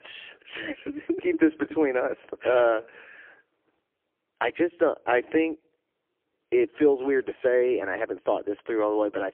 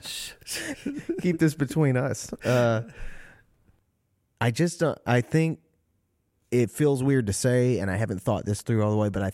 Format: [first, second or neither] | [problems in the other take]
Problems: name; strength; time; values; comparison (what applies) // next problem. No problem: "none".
second | phone-call audio; poor line; nothing above 3 kHz